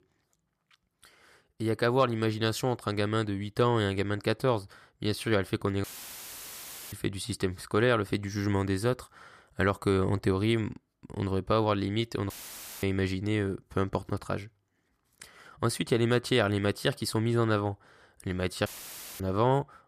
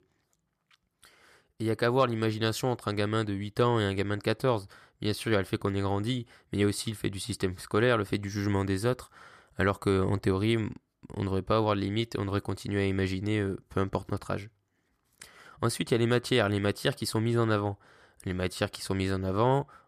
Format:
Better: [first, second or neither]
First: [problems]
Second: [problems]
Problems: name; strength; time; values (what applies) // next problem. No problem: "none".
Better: second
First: audio cutting out; filled with static; at 6 s for 1 s, at 12 s for 0.5 s and at 19 s for 0.5 s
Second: none